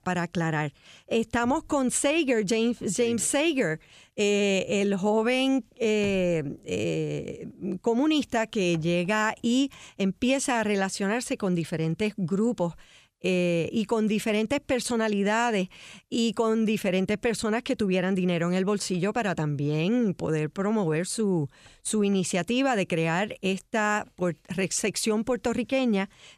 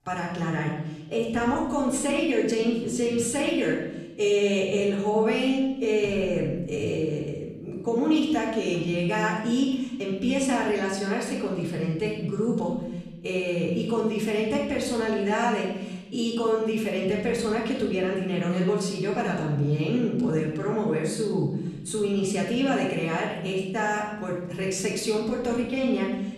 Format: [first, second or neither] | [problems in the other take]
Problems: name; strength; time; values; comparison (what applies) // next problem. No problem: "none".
first | off-mic speech; far // room echo; noticeable; dies away in 1.2 s